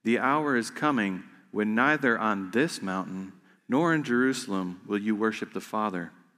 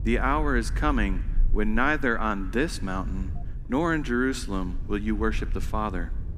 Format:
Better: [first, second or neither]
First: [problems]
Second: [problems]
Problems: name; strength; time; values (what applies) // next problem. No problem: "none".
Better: first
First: none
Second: low rumble; faint; throughout; 25 dB below the speech